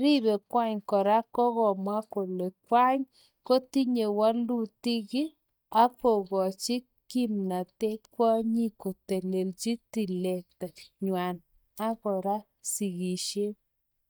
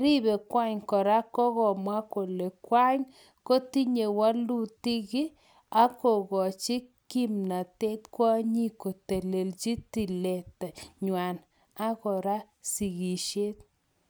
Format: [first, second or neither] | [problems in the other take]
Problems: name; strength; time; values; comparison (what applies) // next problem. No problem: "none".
second | noise reduction (neural mask model DeepFilterNet 3)